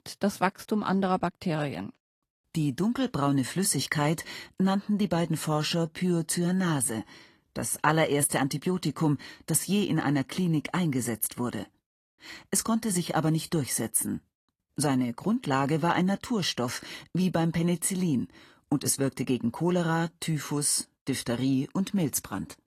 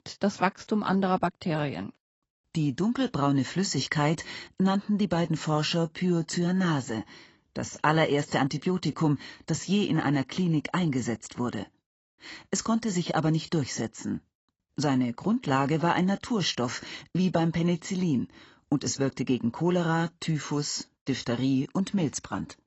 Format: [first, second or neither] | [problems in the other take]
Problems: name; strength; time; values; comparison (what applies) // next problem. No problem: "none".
first | garbled, watery; badly; nothing above 8 kHz; slightly in the first